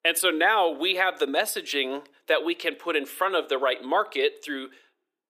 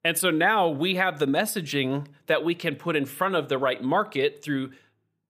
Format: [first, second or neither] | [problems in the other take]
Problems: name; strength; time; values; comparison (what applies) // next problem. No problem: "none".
second | thin; somewhat; fading below 300 Hz